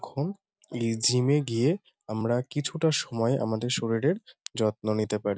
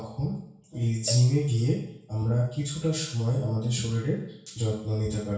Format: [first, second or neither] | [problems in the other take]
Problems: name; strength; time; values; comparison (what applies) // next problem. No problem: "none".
first | background sound (Cowbell); 18 dB below the speech // room echo; dies away in 0.6 s